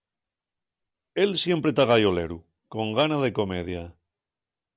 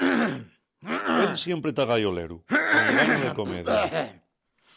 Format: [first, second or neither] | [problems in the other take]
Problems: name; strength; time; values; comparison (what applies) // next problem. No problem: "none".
first | background sound (Cough); 4 dB above the speech